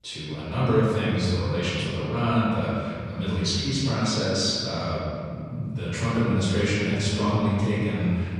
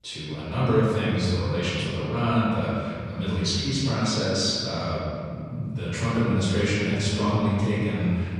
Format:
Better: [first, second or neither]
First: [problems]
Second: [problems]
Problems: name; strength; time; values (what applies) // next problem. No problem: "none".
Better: neither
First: room echo; strong; dies away in 2.1 s // off-mic speech; far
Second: room echo; strong; dies away in 2.1 s // off-mic speech; far